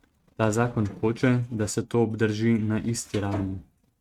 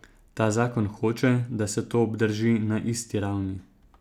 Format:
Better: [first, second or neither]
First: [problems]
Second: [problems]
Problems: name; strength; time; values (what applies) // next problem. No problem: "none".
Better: second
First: noise reduction (neural mask model RNNoise)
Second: none